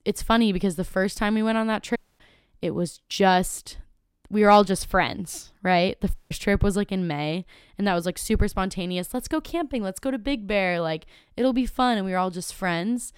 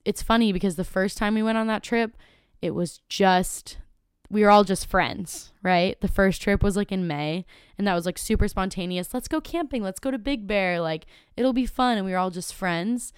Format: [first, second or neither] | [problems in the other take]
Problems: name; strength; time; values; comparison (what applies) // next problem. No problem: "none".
second | audio cutting out; at 2 s and at 6 s